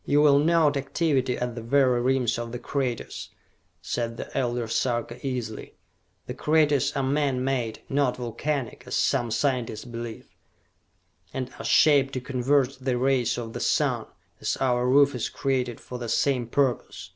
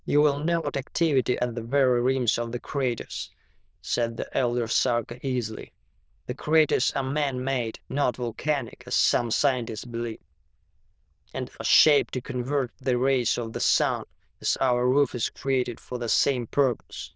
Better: first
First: none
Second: noise reduction (neural diffusion model UNIVERSE++)

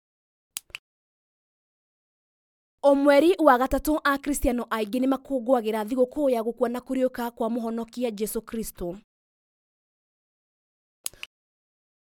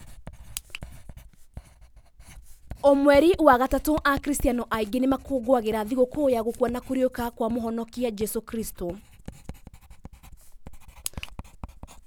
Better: first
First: none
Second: background sound (Writing); 16 dB below the speech

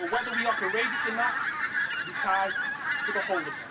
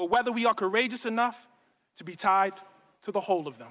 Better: second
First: background sound (Fowl); 2 dB above the speech // room echo; dies away in 0.2 s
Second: none

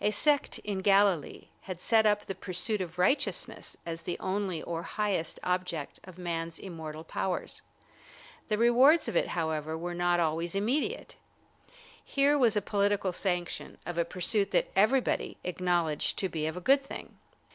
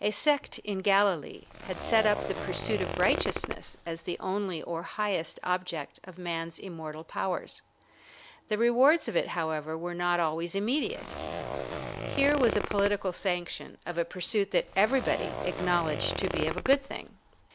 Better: first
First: none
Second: background sound (Zipper (clothing)); 6 dB below the speech

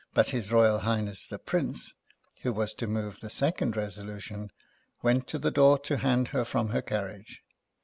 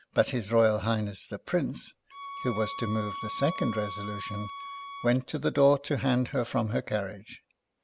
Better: first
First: none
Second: background sound (Bowed string instrument); 10 dB below the speech

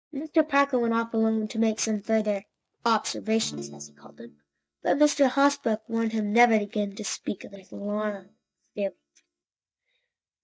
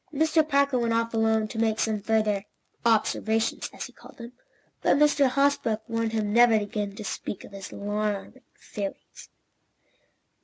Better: second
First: noise reduction (neural mask model DeepFilterNet 3)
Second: none

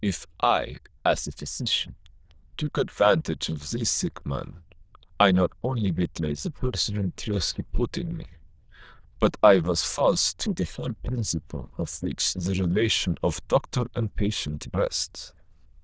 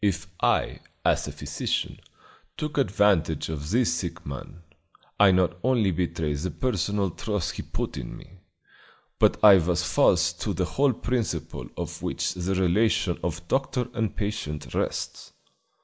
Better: second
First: noise reduction (neural diffusion model UNIVERSE++)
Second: none

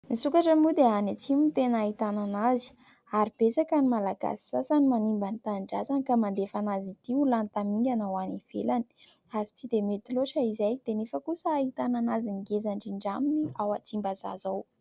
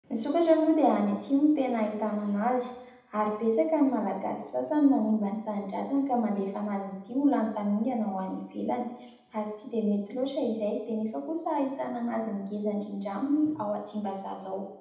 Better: first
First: none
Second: room echo; dies away in 0.8 s

